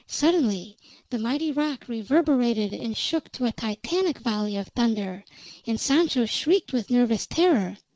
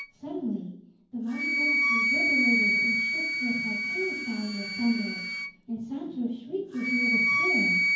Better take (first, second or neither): first